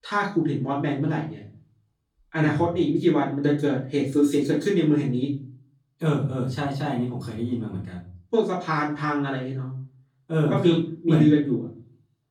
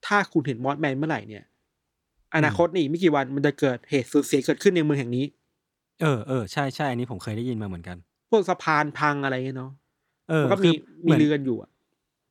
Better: second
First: room echo; slight; dies away in 0.5 s // off-mic speech; far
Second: none

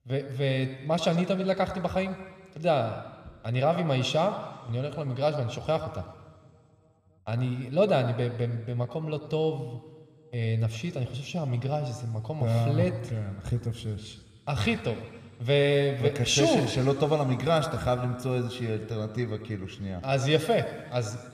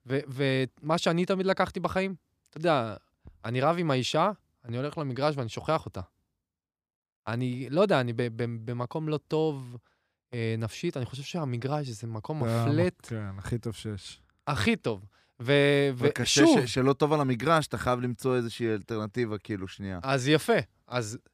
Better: second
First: room echo; slight; dies away in 2.1 s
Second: none

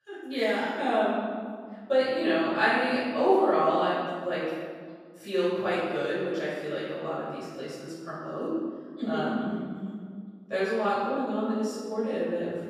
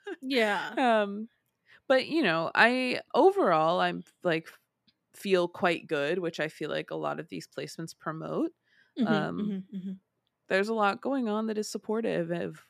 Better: second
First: room echo; strong; dies away in 1.6 s // off-mic speech; far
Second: none

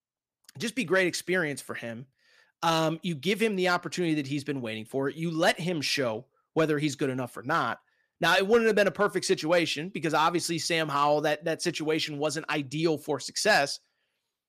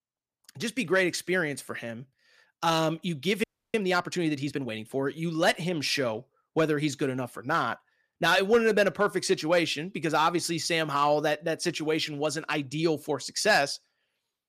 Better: first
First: none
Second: audio freezing; at 3.5 s

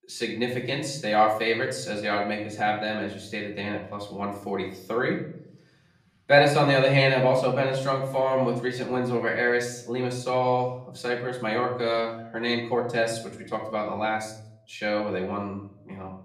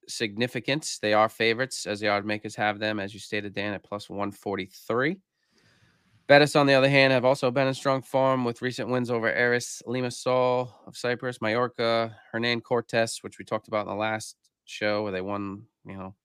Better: second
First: off-mic speech; far // room echo; slight; dies away in 0.6 s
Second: none

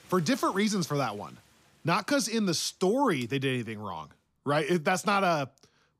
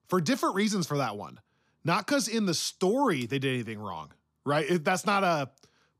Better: second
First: rain or running water; faint; throughout; 30 dB below the speech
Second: none

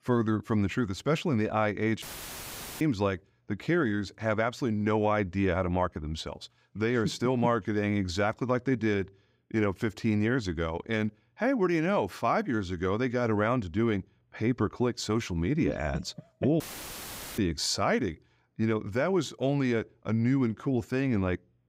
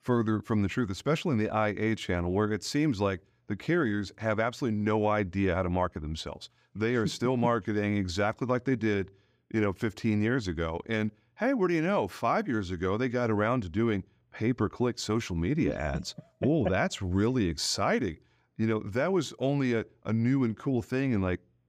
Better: second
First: audio cutting out; filled with static; at 2 s for 1 s and at 17 s for 1 s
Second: none

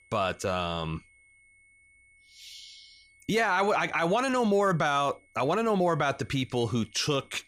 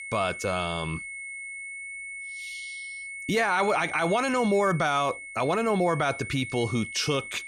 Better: first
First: high-pitched whine; faint; throughout; 2 kHz, 30 dB below the speech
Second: high-pitched whine; loud; throughout; 2 kHz, 10 dB below the speech

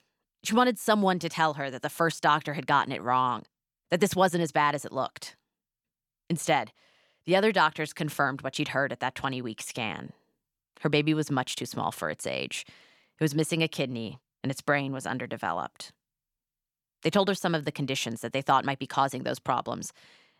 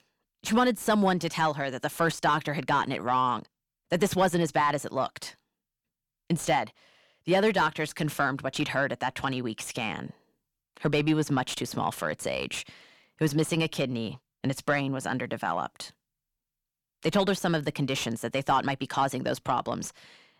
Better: first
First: none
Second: distortion; slight; 10 dB below the speech

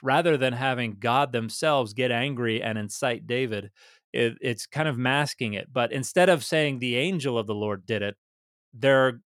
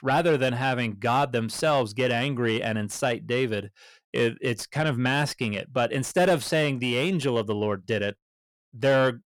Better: first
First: none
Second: distortion; slight; 10 dB below the speech

